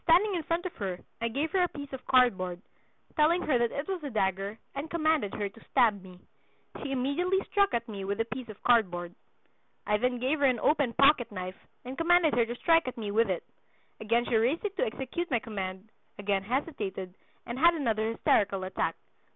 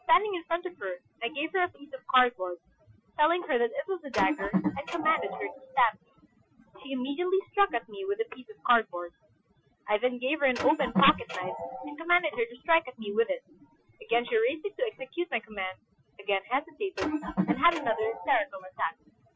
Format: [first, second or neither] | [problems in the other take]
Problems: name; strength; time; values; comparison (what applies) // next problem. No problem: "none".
first | noise reduction (classical method Wiener filter)